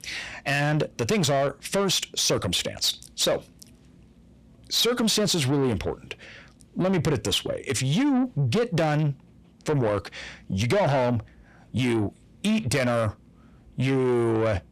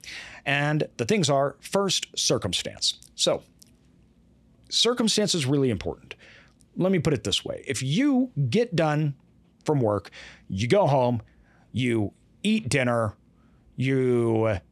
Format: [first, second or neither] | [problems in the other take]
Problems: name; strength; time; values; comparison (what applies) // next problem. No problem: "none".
second | distortion; slight; 10 dB below the speech